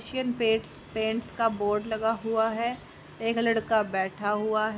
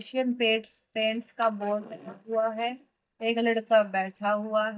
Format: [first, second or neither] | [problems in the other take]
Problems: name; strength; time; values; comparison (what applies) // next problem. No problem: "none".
first | noise reduction (neural mask model DeepFilterNet 3)